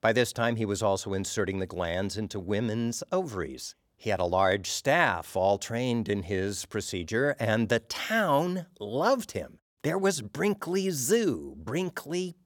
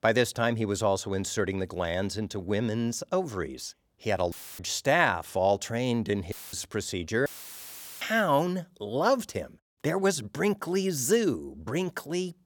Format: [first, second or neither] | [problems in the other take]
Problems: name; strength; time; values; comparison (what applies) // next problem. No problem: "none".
first | audio cutting out; filled with static; at 4.5 s, at 6.5 s and at 7.5 s for 1 s